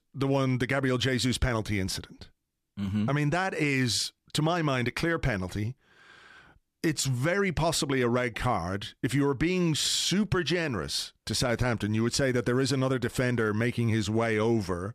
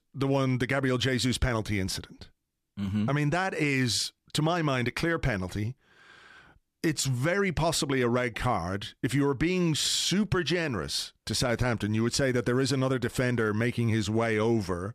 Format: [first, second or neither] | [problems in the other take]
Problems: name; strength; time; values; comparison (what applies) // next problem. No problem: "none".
neither | none